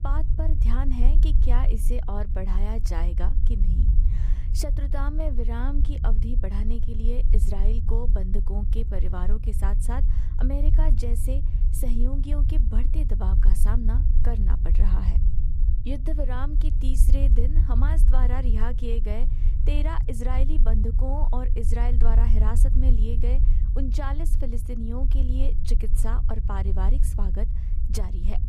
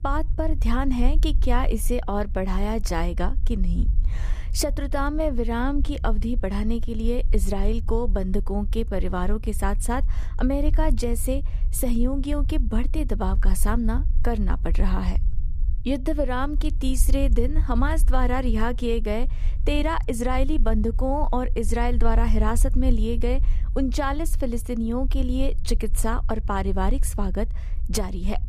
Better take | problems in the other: second | low rumble; loud; throughout; 8 dB below the speech; faint in the second

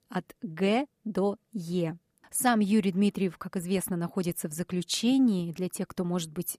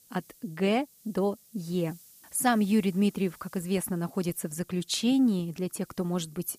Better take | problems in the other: first | hiss; faint; throughout; 25 dB below the speech

